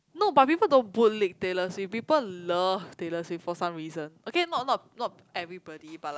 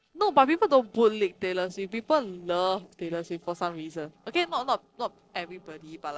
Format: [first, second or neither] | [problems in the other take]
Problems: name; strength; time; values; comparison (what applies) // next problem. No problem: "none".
first | noise reduction (neural separator model SepFormer DNS4)